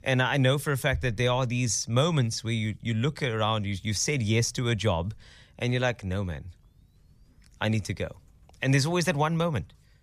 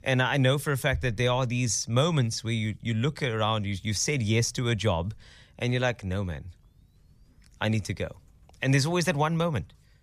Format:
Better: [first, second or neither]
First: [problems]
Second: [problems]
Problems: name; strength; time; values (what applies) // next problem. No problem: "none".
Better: neither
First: none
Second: none